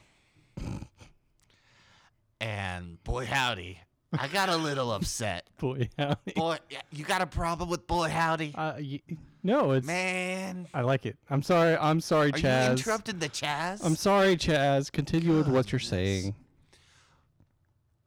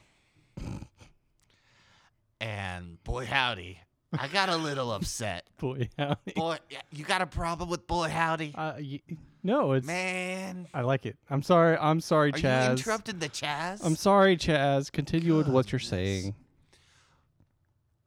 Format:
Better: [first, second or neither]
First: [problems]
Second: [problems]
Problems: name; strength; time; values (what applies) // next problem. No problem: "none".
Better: second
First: distortion; slight; 3% of the sound clipped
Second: none